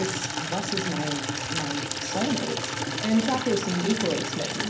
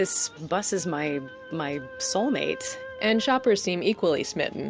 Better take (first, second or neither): second